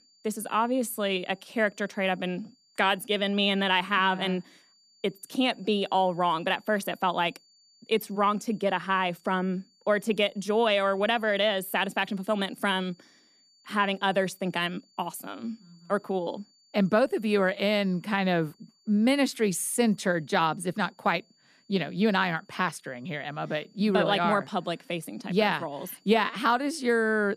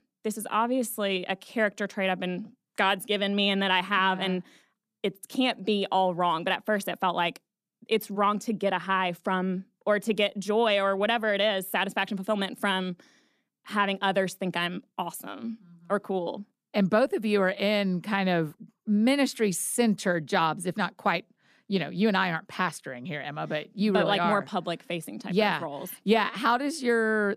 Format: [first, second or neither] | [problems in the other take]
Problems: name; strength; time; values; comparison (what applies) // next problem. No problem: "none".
second | high-pitched whine; faint; throughout; 4.5 kHz, 35 dB below the speech